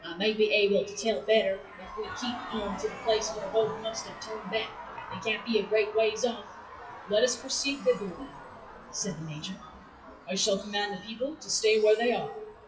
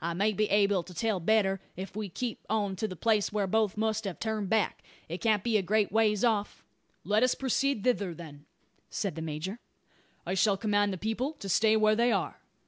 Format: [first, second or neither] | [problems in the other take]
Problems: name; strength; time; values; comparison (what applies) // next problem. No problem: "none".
second | noise reduction (classical method WPE with log-MMSE)